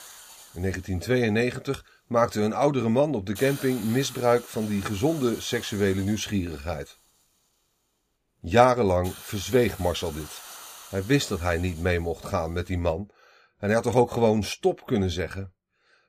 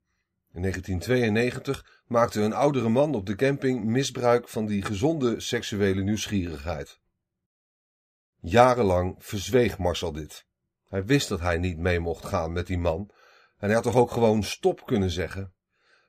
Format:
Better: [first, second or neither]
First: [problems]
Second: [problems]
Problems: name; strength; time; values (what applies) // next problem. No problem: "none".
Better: second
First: hiss; noticeable; until 13 s; 15 dB below the speech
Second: none